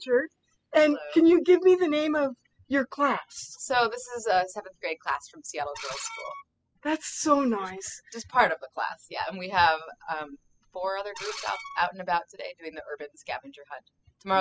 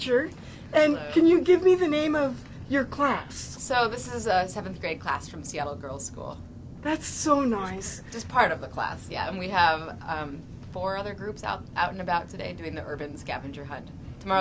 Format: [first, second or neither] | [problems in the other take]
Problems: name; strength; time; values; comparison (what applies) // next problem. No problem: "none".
second | noise reduction (classical method spectral subtraction)